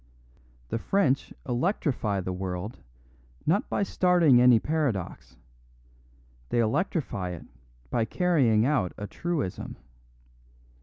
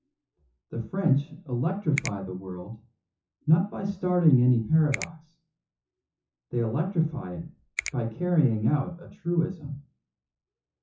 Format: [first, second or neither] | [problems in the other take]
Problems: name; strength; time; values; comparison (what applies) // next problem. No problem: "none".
first | noise reduction (classical method WPE with log-MMSE)